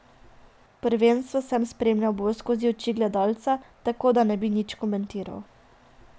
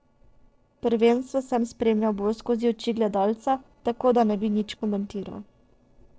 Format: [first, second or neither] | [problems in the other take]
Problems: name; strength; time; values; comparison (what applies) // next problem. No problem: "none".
first | noise reduction (neural separator model SepFormer DNS4)